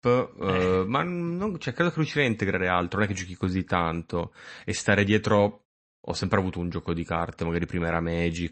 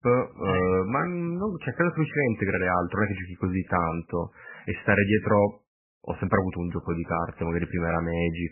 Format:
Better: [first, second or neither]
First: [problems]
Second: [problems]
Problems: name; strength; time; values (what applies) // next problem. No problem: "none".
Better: first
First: garbled, watery; slightly; nothing above 8 kHz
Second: garbled, watery; badly; nothing above 3 kHz